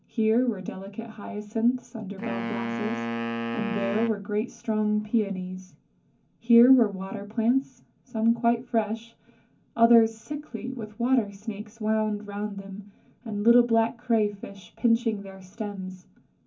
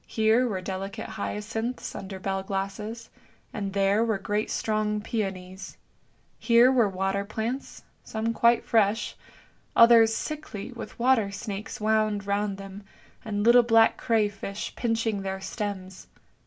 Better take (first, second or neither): second